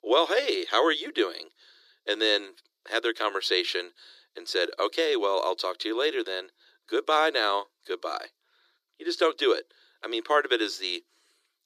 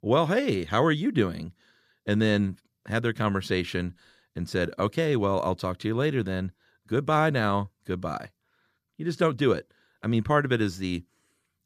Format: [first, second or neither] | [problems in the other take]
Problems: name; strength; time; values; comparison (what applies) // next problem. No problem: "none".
second | thin; very; fading below 350 Hz